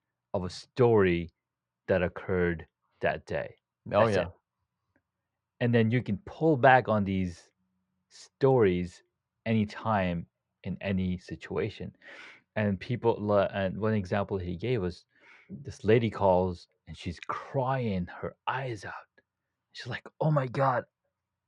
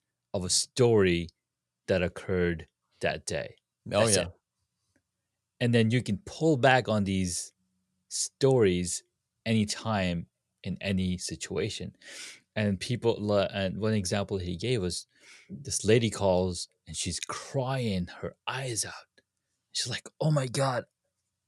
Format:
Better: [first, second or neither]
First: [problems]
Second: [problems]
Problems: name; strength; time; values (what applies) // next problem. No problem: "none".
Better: second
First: muffled; very; fading above 2 kHz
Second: none